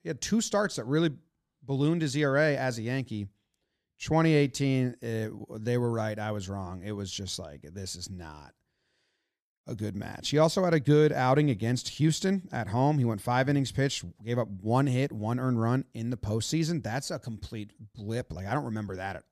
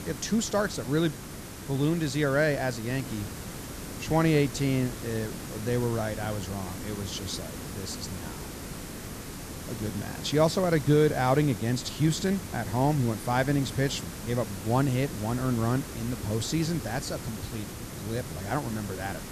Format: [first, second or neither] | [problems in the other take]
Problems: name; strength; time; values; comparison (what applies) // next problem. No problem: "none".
first | hiss; noticeable; throughout; 10 dB below the speech